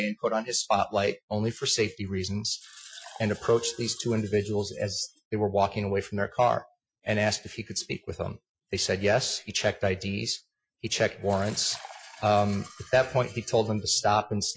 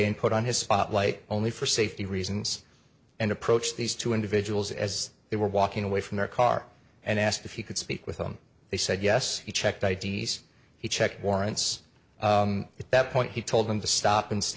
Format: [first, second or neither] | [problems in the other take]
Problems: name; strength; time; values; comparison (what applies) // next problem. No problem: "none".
second | noise reduction (classical method Wiener filter)